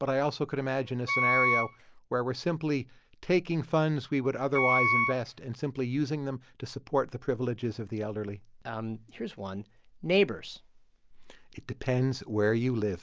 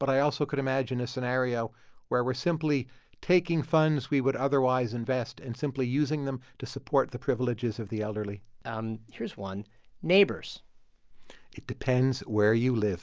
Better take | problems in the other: second | background sound (Wind instrument, woodwind instrument); 2 dB above the speech

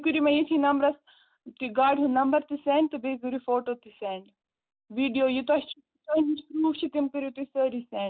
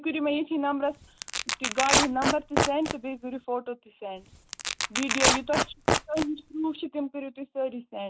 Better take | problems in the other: first | background sound (Tearing); 2 dB above the speech

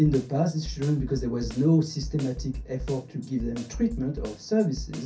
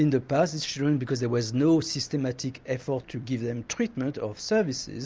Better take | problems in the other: second | background sound (Snare drum); 12 dB below the speech // room echo; dies away in 0.3 s

